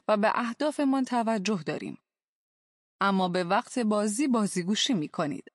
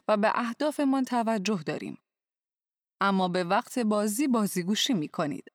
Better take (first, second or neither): second